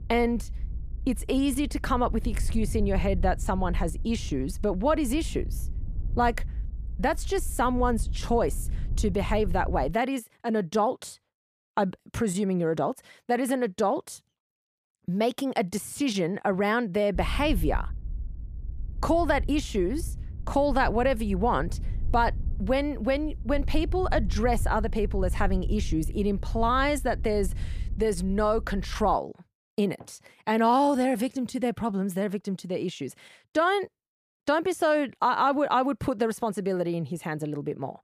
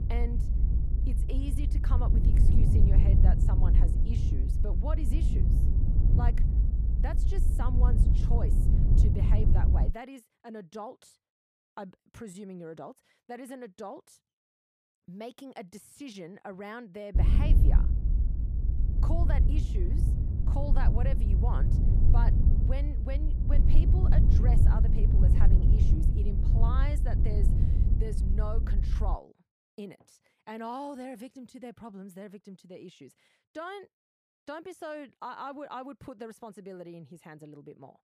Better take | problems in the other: first | low rumble; loud; until 10 s and from 17 to 29 s; 1 dB below the speech; faint in the first

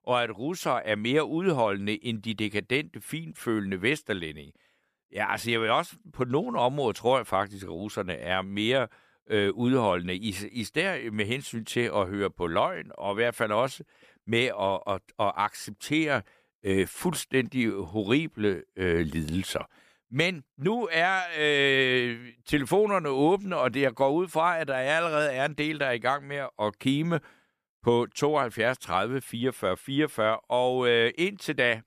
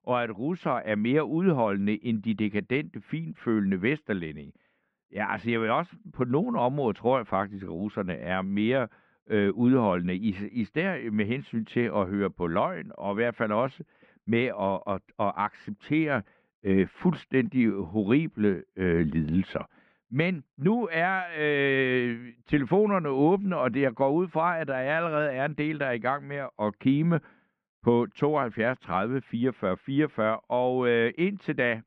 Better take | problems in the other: first | muffled; very; fading above 2.5 kHz

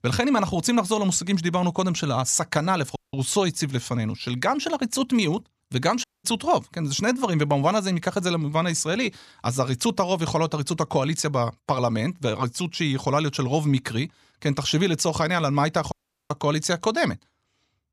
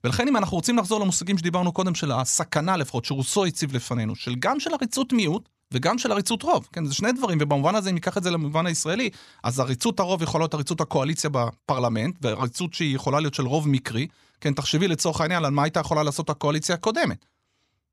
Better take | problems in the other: second | audio cutting out; at 3 s, at 6 s and at 16 s

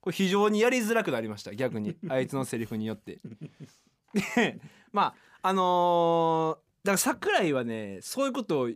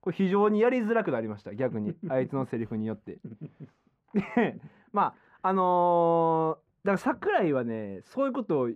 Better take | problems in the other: first | muffled; very; fading above 3.5 kHz

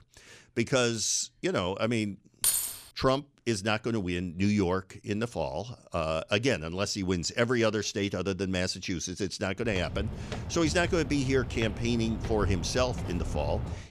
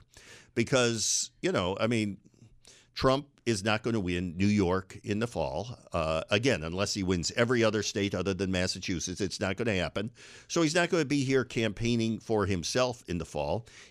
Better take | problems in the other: second | jangling keys; loud; at 2.5 s; peak 4 dB above the speech // footsteps; noticeable; from 9.5 s on; peak 5 dB below the speech

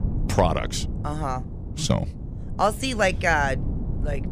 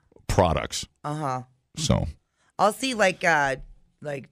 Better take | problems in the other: second | wind noise on the microphone; occasional gusts; 20 dB below the speech

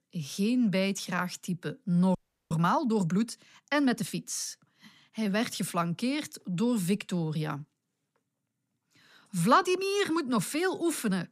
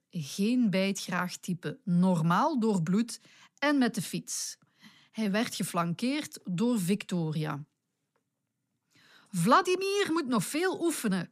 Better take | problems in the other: second | audio freezing; at 2 s

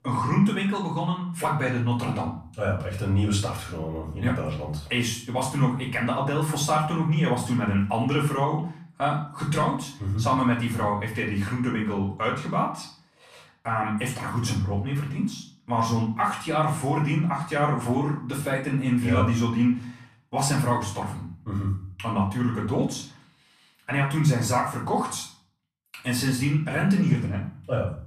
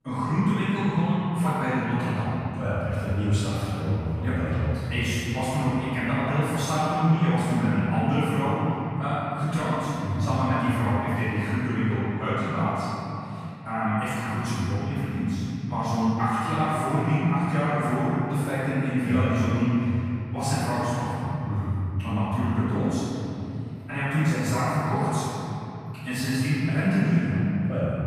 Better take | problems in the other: first | room echo; strong; dies away in 3 s; slight in the first // off-mic speech; far; far in the first

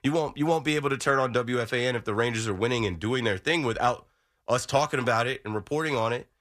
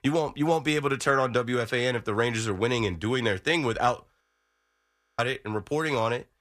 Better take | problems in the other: first | audio freezing; at 4 s for 1 s

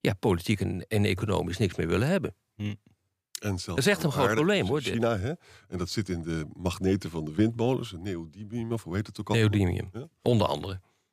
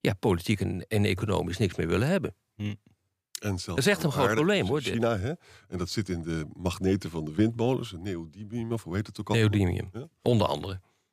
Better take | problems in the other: neither | none

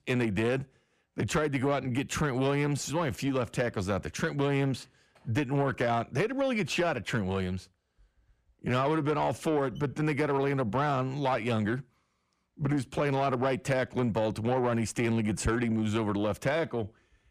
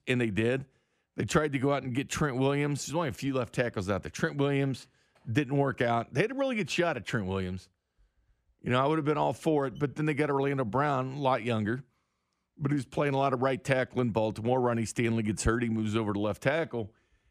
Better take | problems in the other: second | distortion; slight; 10 dB below the speech

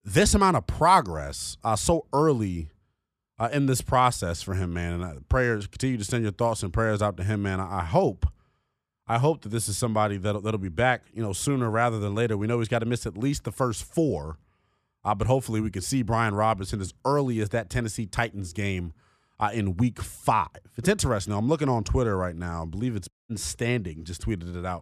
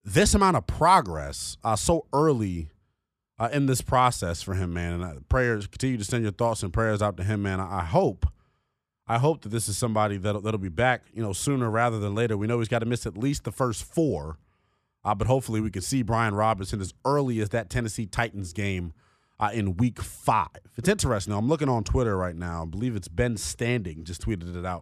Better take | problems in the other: second | audio cutting out; at 23 s

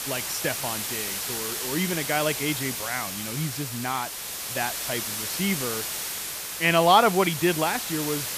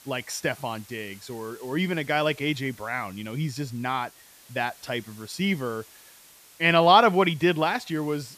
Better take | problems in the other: second | hiss; loud; throughout; 3 dB below the speech; faint in the second

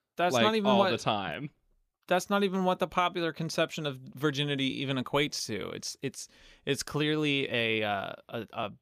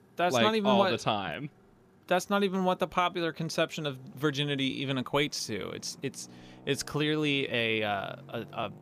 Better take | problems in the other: first | traffic noise; faint; throughout; 25 dB below the speech

